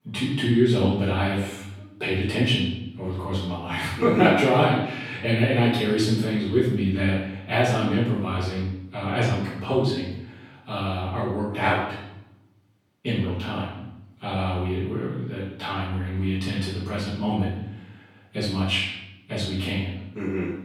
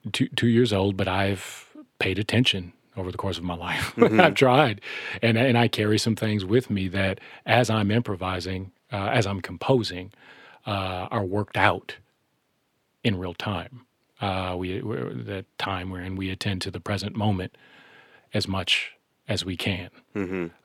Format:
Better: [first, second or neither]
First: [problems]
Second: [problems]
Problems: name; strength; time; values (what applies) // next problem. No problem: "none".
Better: second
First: room echo; noticeable; dies away in 0.8 s // off-mic speech; far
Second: none